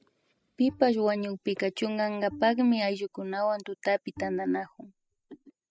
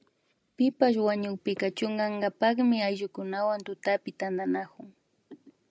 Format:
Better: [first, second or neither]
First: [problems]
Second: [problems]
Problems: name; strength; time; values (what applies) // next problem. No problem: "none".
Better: second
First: noise reduction (classical method spectral subtraction)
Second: none